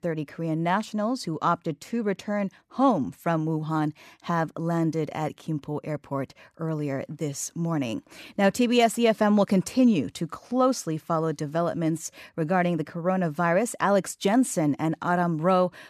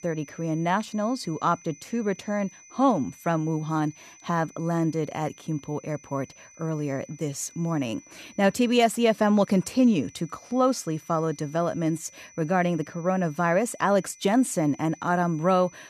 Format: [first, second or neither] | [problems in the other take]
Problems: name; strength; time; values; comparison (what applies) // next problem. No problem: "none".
first | high-pitched whine; faint; throughout; 6 kHz, 25 dB below the speech